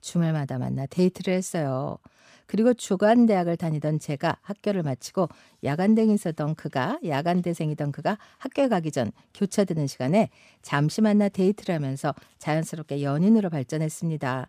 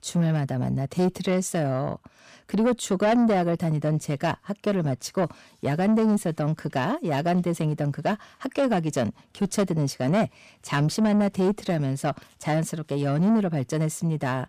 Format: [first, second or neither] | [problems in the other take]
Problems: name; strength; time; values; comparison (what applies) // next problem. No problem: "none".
first | distortion; slight; 10 dB below the speech